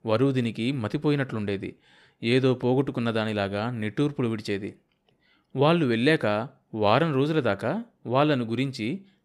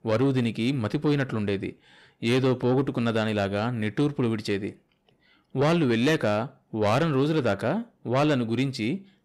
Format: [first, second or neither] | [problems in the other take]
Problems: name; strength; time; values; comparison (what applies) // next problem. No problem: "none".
first | distortion; slight; 10 dB below the speech